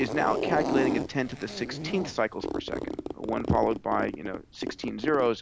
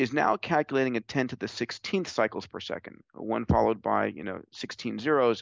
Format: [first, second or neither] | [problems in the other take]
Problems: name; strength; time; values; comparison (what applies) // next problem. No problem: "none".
second | background sound (Zipper (clothing)); 4 dB below the speech